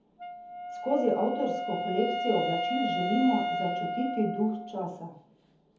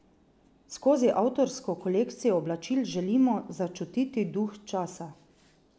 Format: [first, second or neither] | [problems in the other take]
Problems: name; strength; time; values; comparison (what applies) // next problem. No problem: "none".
second | background sound (Wind instrument, woodwind instrument); 3 dB below the speech // room echo; dies away in 0.7 s